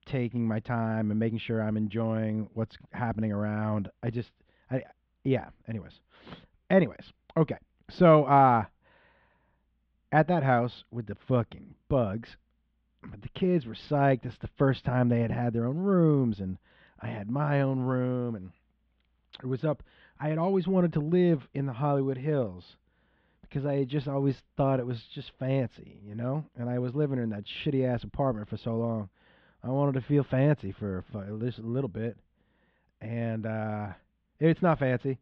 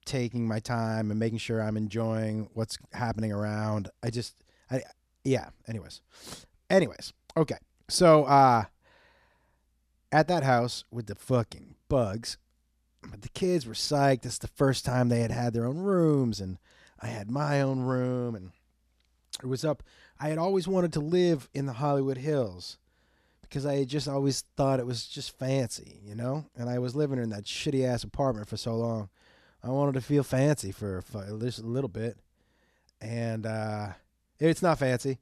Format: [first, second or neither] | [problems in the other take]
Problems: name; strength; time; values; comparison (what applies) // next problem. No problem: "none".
second | muffled; very; fading above 3.5 kHz